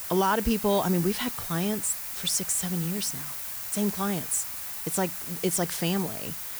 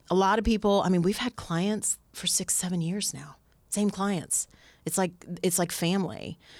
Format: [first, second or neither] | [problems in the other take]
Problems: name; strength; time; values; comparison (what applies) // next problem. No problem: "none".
second | hiss; loud; throughout; 4 dB below the speech